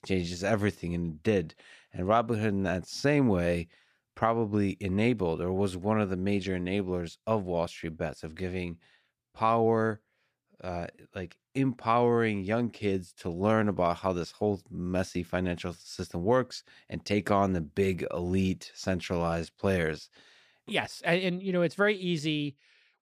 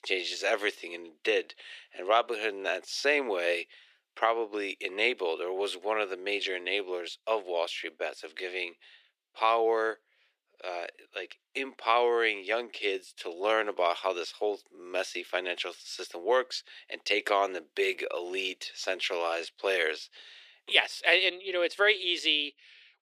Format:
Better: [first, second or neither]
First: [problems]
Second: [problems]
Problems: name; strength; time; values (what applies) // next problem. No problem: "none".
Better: first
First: none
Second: thin; very; fading below 350 Hz